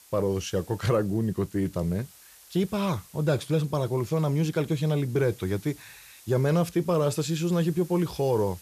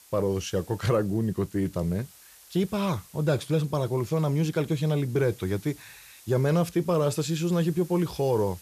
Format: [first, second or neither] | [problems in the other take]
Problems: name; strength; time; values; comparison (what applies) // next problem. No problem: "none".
neither | hiss; faint; throughout; 25 dB below the speech; the same in both